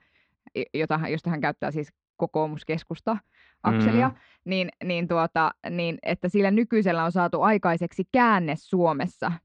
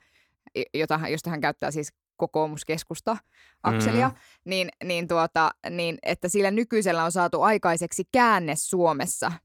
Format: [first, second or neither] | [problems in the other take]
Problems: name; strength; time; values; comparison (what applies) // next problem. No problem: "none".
second | muffled; slightly; fading above 4 kHz